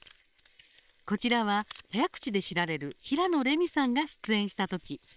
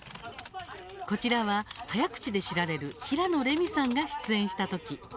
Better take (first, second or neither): second